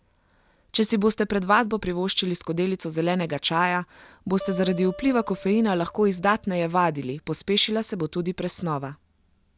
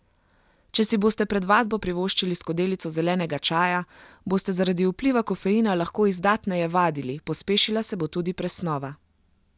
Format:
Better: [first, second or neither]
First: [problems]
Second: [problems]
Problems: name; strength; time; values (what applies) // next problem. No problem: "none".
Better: second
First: background sound (Acoustic guitar); 17 dB below the speech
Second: none